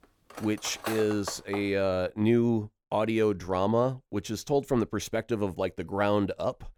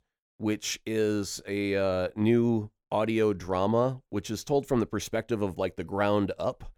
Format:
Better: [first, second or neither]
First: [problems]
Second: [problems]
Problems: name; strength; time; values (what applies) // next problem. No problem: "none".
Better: second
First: clattering dishes; noticeable; until 1.5 s; peak 8 dB below the speech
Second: none